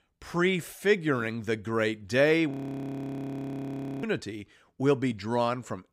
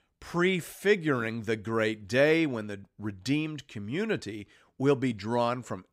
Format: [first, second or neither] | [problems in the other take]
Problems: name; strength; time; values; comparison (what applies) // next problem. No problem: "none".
second | audio freezing; at 2.5 s for 1.5 s